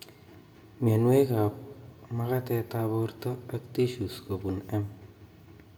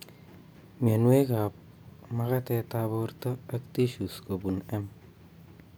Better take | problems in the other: second | room echo; dies away in 1.2 s

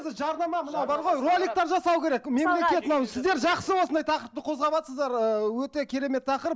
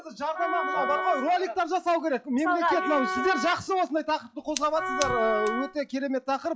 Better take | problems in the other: first | noise reduction (classical method log-MMSE)

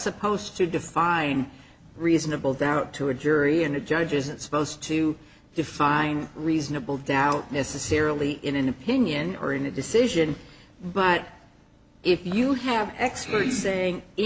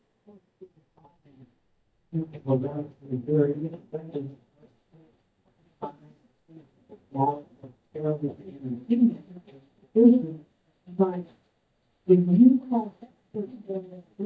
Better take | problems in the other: first | noise reduction (neural mask model DeepFilterNet 3)

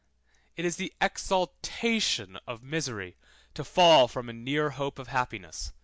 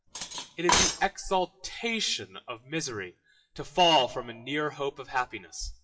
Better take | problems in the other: first | noise reduction (classical method WPE with log-MMSE)

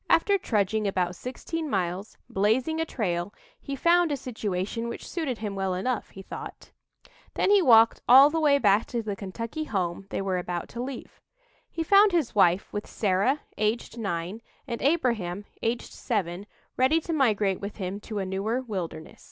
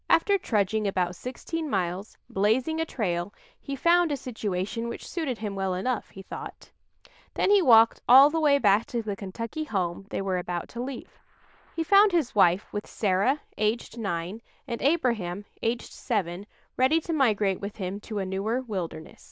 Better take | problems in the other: first | noise reduction (neural diffusion model UNIVERSE++)

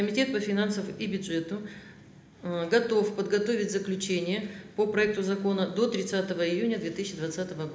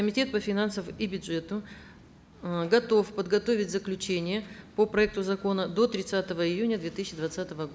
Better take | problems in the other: second | room echo; dies away in 0.8 s

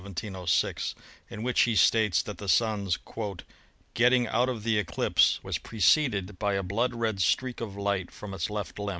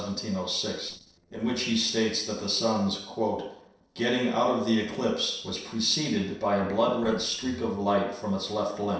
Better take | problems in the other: first | noise reduction (neural separator model SepFormer DNS4)

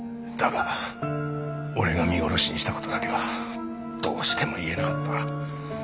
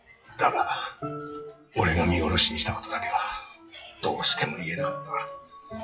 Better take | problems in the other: first | noise reduction (classical method WPE with log-MMSE)

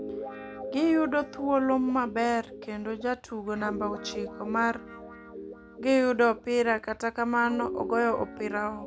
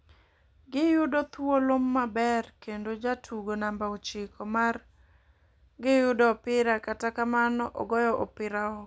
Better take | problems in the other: second | background sound (Guitar); 12 dB below the speech

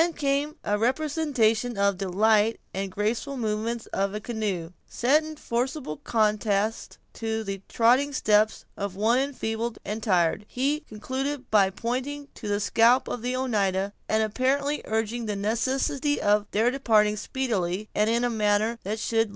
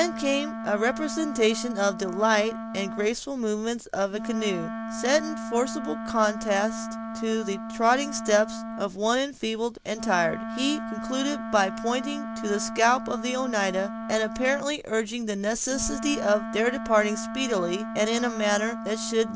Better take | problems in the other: first | background sound (Wind instrument, woodwind instrument); 8 dB below the speech

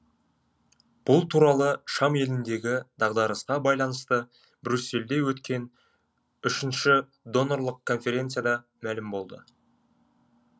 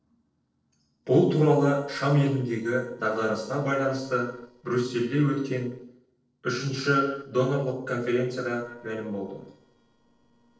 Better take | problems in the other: first | noise reduction (neural separator model SepFormer DNS4)

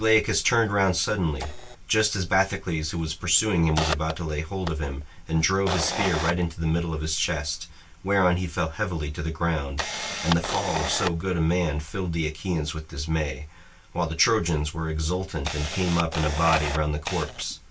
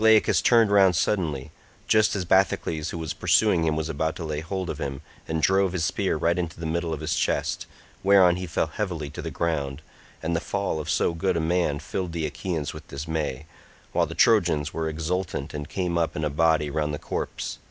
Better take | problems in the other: second | background sound (Camera); 10 dB below the speech // room echo; dies away in 0.1 s

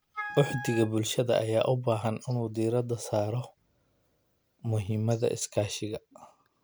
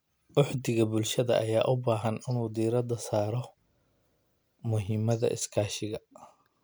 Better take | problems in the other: second | background sound (Wind instrument, woodwind instrument); 10 dB below the speech

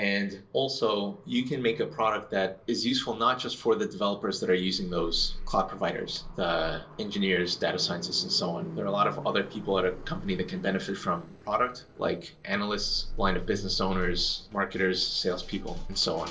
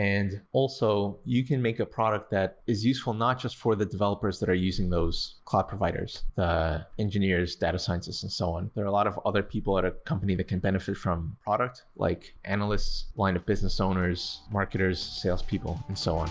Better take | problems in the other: second | noise reduction (neural separator model SepFormer DNS4)

